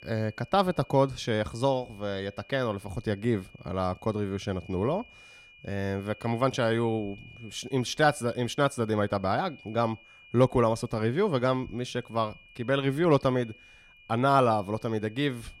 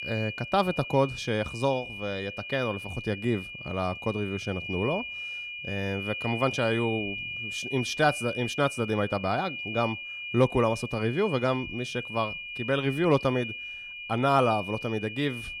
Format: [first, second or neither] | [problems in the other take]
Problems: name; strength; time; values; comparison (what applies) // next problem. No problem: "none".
first | high-pitched whine; loud; throughout; 2.5 kHz, 7 dB below the speech; faint in the first